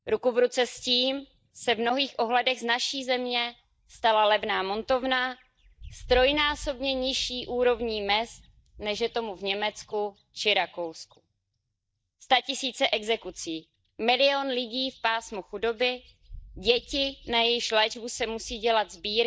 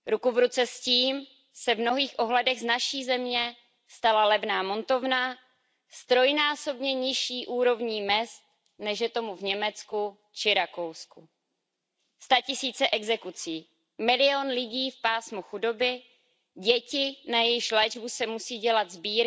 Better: second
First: noise reduction (neural mask model DeepFilterNet 3)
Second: none

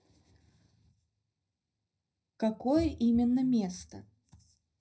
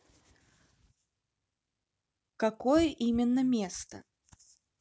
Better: second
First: room echo; dies away in 0.5 s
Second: none

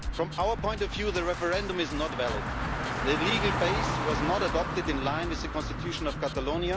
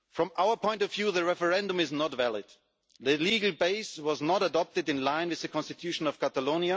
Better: second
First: background sound (Car + Drum kit); 1 dB below the speech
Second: none

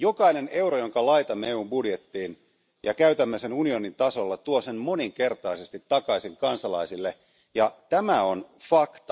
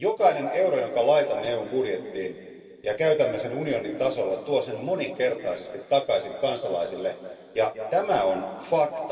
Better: first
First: none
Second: room echo; dies away in 2.7 s

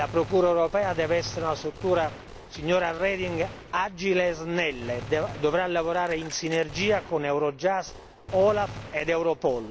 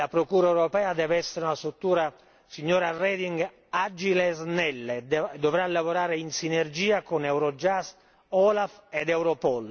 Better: second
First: background sound (Gunshot, gunfire); 14 dB below the speech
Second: none

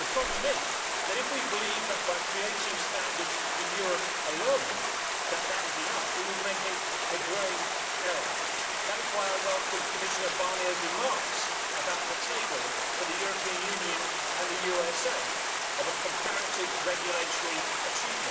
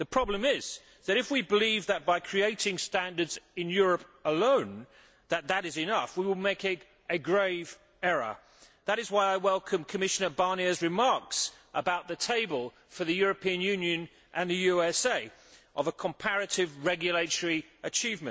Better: second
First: background sound (Stream); 4 dB above the speech // room echo; dies away in 1.1 s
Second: none

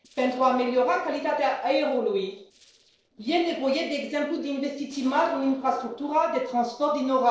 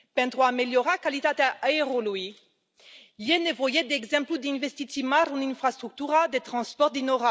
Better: second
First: noise reduction (neural separator model SepFormer DNS4)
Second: none

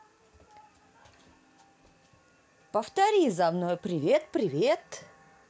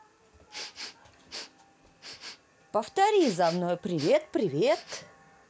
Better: first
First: none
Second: background sound (Respiratory sounds); 16 dB below the speech

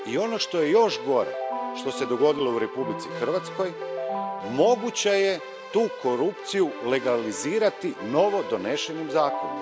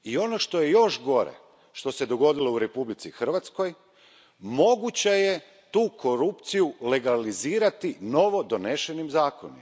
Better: second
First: background sound (Keyboard (musical)); 9 dB below the speech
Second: none

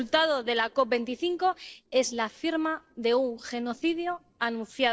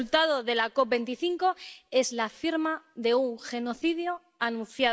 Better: second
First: noise reduction (neural separator model SepFormer DNS4)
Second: none

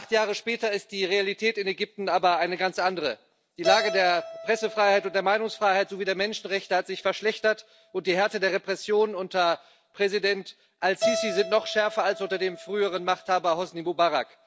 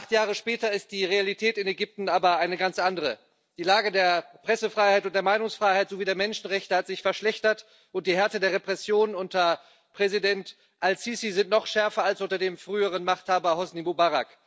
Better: second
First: background sound (Keyboard (musical)); 11 dB below the speech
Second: none

